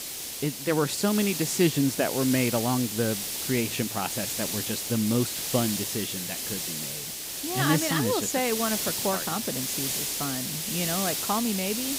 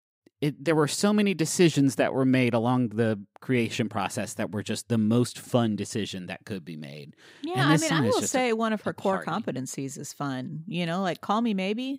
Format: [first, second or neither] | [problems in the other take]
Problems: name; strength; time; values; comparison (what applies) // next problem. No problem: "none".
second | hiss; loud; throughout; 1 dB below the speech